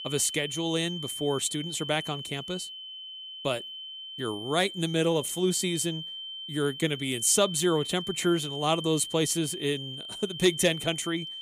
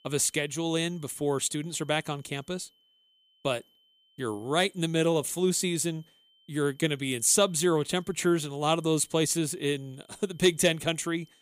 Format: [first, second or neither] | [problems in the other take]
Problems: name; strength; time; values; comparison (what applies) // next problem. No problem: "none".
second | high-pitched whine; loud; throughout; 3 kHz, 9 dB below the speech; faint in the second